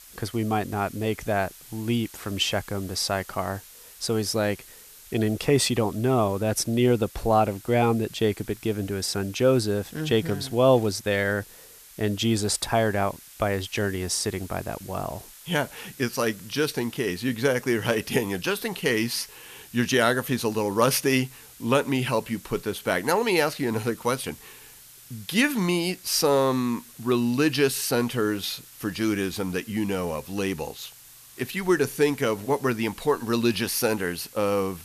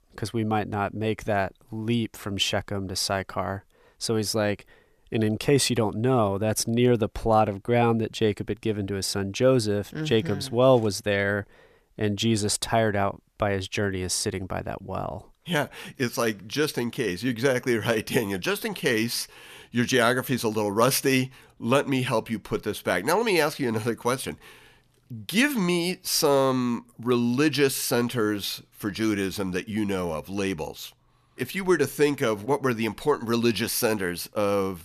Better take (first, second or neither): second